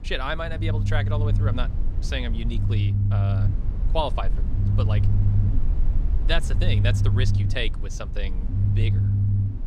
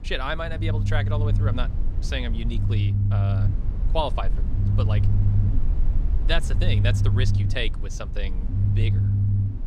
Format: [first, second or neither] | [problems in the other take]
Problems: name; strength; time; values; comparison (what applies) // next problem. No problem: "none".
neither | low rumble; loud; throughout; 7 dB below the speech; the same in both